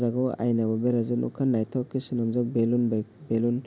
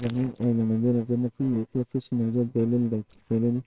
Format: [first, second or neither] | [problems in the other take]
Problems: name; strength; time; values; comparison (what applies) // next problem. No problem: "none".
first | noise reduction (neural separator model SepFormer WHAMR!)